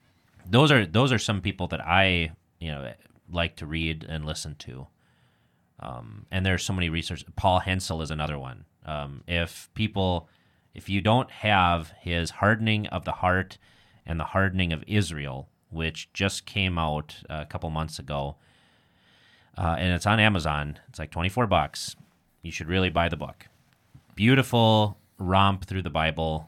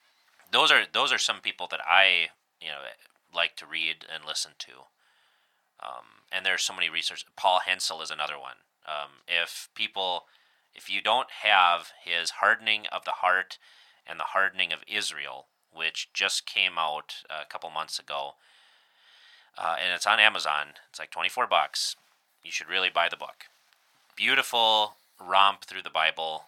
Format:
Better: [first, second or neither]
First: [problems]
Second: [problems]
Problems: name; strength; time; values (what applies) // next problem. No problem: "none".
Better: first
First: none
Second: thin; very; fading below 900 Hz